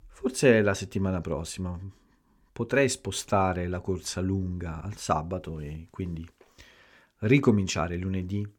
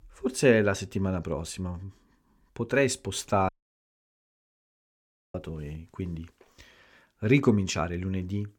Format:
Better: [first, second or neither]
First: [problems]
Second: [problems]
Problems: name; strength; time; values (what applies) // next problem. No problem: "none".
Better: first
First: none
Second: audio cutting out; at 3.5 s for 2 s